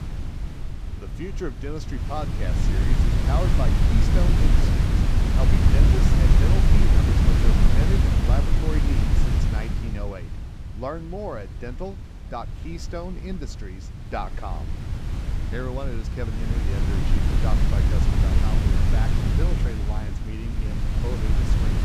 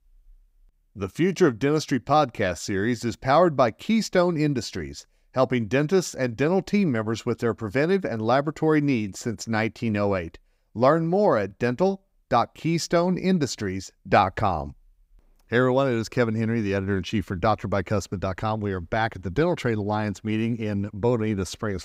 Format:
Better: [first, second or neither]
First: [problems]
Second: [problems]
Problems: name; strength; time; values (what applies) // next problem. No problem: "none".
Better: second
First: wind noise on the microphone; heavy; 3 dB above the speech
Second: none